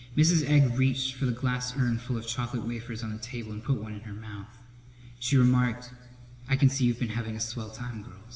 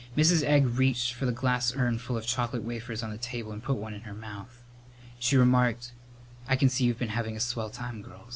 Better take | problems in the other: second | room echo; dies away in 1.4 s

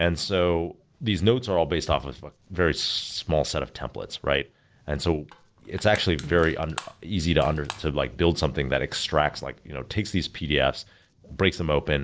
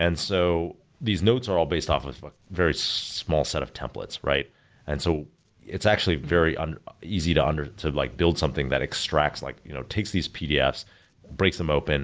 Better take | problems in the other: second | noise reduction (neural separator model SepFormer DNS4)

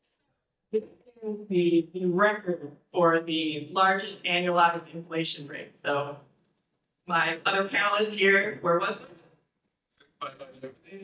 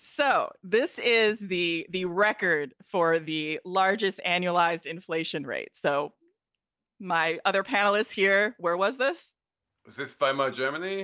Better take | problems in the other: second | noise reduction (neural mask model DeepFilterNet 3)

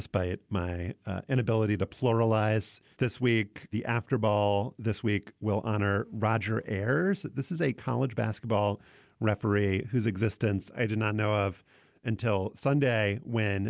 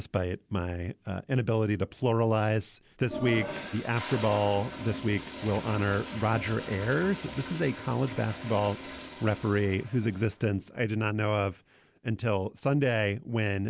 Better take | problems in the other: first | background sound (Toilet flush); 14 dB below the speech

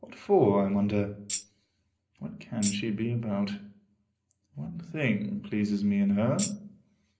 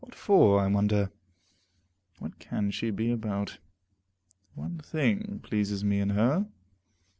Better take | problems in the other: second | background sound (Tambourine); 9 dB below the speech // room echo; dies away in 0.5 s

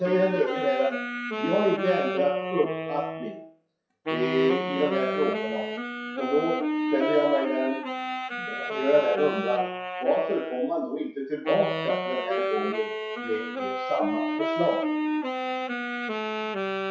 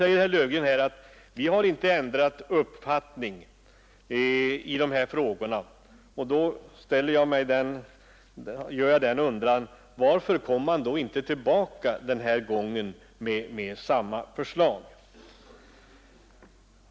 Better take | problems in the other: second | noise reduction (classical method WPE with log-MMSE)

